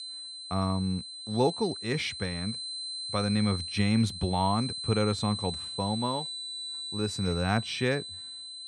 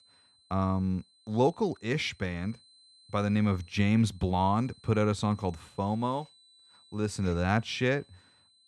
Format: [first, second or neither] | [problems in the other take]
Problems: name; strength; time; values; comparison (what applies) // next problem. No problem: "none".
second | high-pitched whine; loud; throughout; 4 kHz, 6 dB below the speech; faint in the second